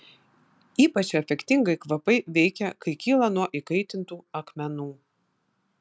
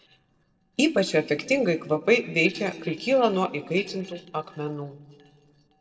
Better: first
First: none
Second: noise reduction (neural separator model SepFormer DNS4)

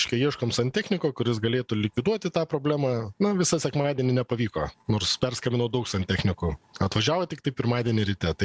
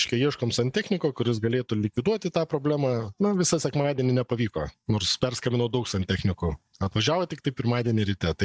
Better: first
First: none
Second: noise reduction (neural mask model DeepFilterNet 3)

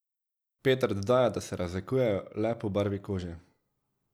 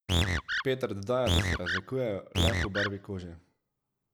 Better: first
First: none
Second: background sound (Animal); 4 dB above the speech

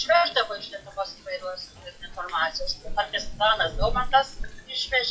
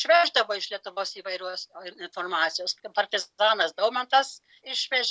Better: second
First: noise reduction (classical method WPE with log-MMSE)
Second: none

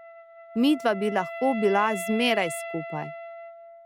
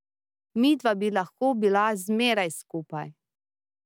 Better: second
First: background sound (Wind instrument, woodwind instrument); 10 dB below the speech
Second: none

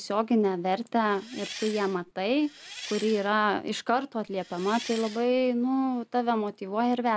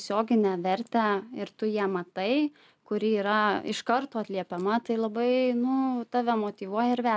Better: second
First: background sound (Engine); 15 dB below the speech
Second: none

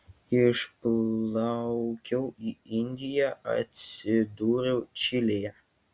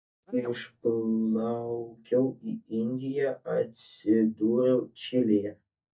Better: first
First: none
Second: noise reduction (neural mask model DeepFilterNet 3)

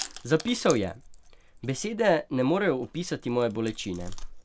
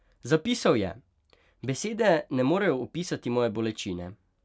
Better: second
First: background sound (Chewing, mastication); 14 dB below the speech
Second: none

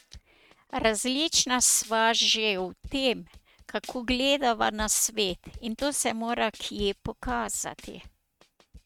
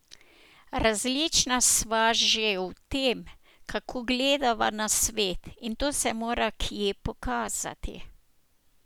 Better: second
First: noise reduction (neural mask model RNNoise)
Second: none

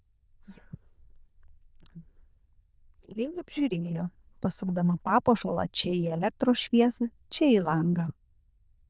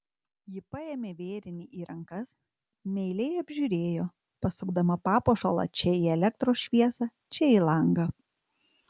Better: second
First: noise reduction (neural diffusion model UNIVERSE++)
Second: none

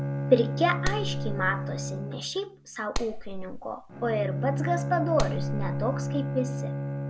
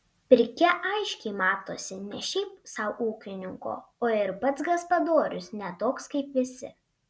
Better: second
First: background sound (Bowed string instrument + Clapping); 1 dB below the speech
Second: none

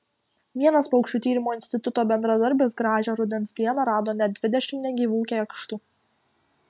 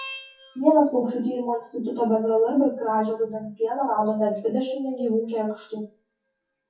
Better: first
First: none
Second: noise reduction (classical method WPE with log-MMSE)

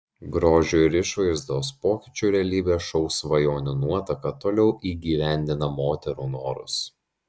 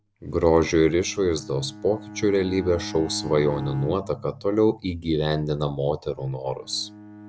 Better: first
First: none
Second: background sound (Bowed string instrument); 16 dB below the speech

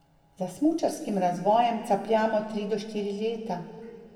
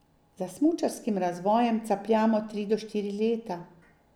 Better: second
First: room echo; dies away in 2 s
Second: none

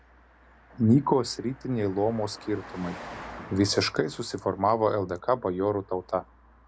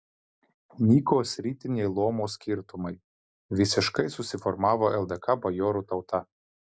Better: second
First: background sound (Car passing by); 19 dB below the speech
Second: none

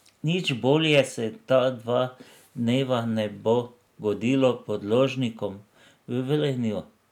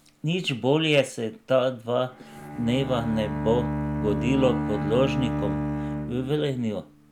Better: first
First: none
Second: background sound (Bowed string instrument); 5 dB below the speech

